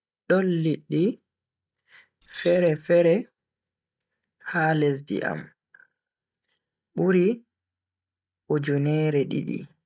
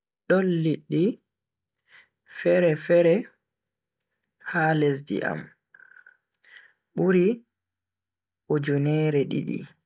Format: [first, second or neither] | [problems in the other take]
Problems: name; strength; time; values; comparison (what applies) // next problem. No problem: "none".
second | noise reduction (neural mask model RNNoise)